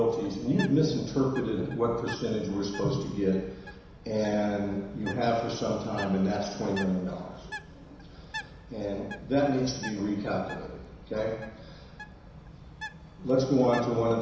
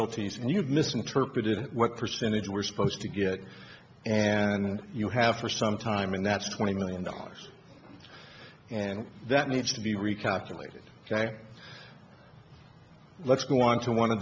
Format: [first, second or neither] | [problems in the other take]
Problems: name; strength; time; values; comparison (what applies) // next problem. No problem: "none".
second | background sound (Bird); 16 dB below the speech // room echo; dies away in 1 s